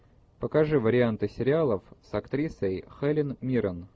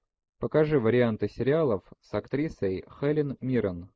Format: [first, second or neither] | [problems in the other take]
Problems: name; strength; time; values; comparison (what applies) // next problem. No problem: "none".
first | noise reduction (neural mask model Resemble Enhance denoiser)